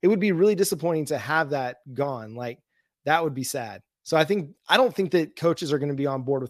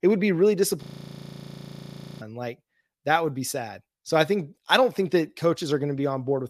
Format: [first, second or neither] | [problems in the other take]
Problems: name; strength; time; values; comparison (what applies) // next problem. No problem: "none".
first | audio freezing; at 1 s for 1.5 s